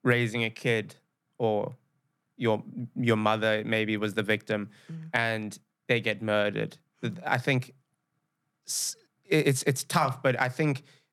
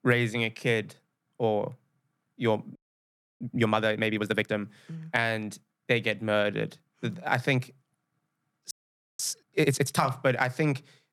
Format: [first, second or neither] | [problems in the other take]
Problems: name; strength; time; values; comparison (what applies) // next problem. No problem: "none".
first | audio freezing; at 3 s for 0.5 s and at 8.5 s